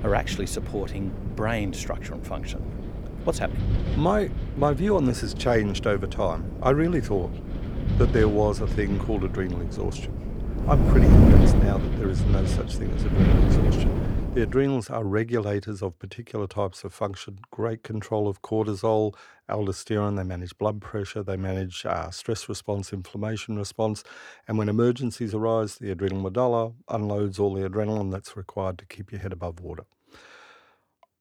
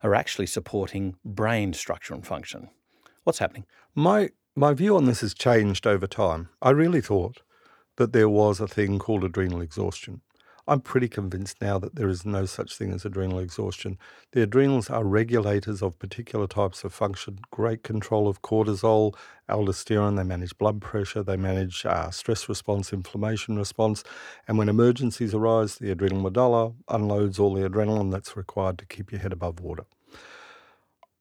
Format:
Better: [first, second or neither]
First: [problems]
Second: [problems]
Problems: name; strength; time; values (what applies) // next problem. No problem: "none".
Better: second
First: wind noise on the microphone; heavy; until 15 s; 5 dB below the speech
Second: none